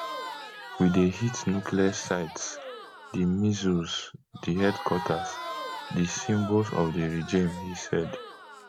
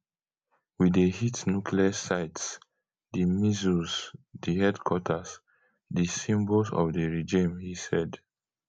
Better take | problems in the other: second | background sound (Crowd); 11 dB below the speech

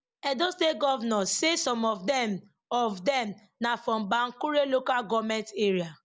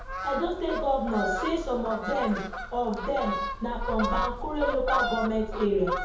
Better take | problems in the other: first | background sound (Fowl); 3 dB below the speech // room echo; dies away in 0.7 s

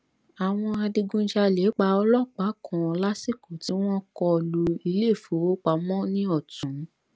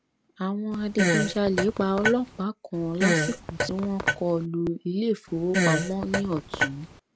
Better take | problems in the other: first | background sound (Fart); as loud as the speech

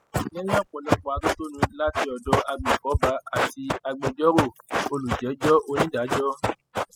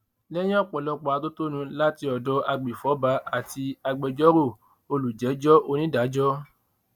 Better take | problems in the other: second | noise reduction (classical method spectral subtraction)

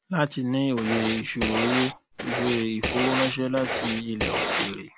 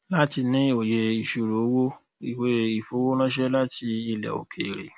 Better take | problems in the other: second | background sound (Writing); 2 dB below the speech

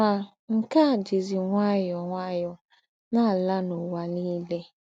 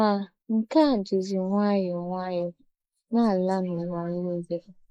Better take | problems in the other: first | noise reduction (neural mask model Resemble Enhance denoiser)

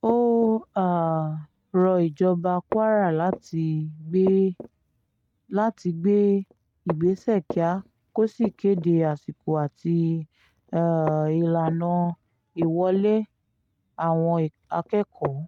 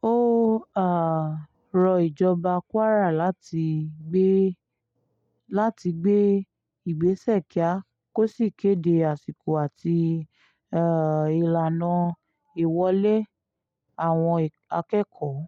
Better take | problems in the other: second | noise reduction (neural mask model RNNoise)

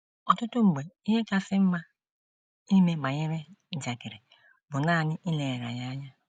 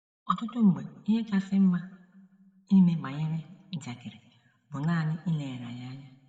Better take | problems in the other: first | room echo; dies away in 1.1 s

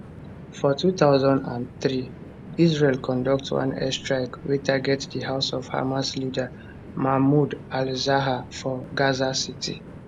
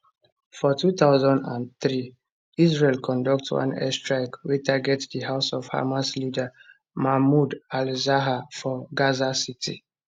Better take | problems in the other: second | background sound (Train); 16 dB below the speech

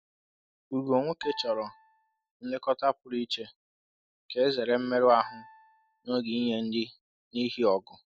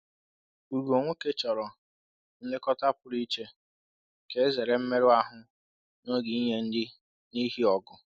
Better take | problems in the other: second | background sound (Piano); 17 dB below the speech

